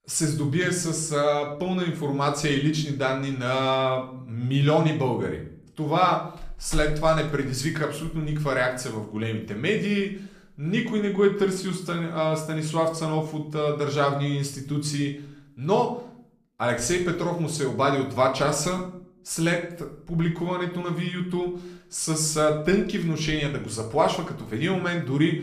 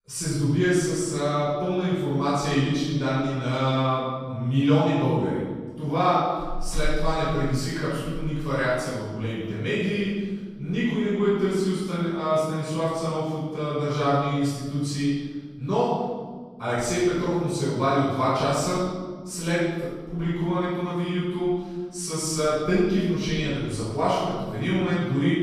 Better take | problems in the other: first | room echo; strong; dies away in 1.5 s; slight in the first // off-mic speech; far; somewhat distant in the first

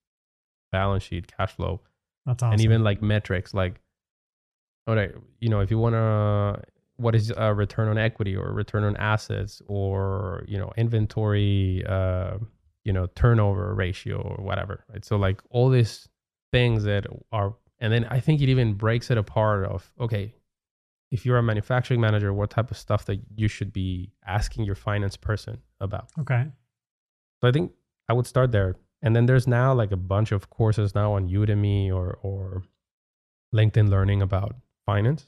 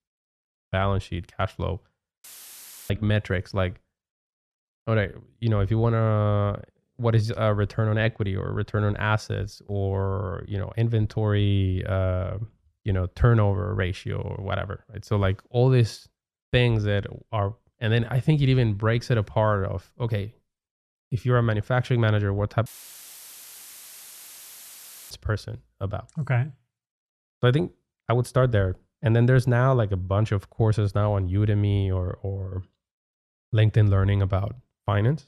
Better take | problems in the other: first | audio cutting out; filled with static; at 2 s for 0.5 s and at 23 s for 2.5 s

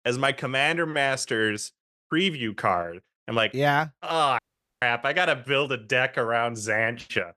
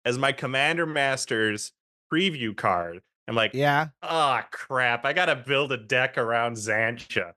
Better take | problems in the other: second | audio cutting out; at 4.5 s

